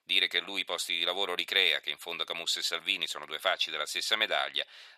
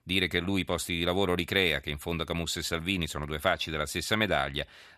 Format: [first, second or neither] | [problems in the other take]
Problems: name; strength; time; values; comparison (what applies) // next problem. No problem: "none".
second | thin; very; fading below 600 Hz